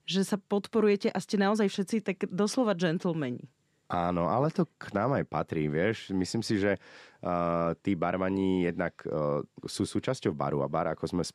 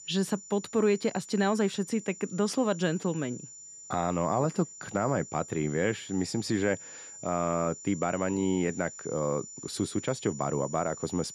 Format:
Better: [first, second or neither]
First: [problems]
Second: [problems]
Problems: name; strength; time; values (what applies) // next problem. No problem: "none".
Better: first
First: none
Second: high-pitched whine; noticeable; throughout; 7 kHz, 15 dB below the speech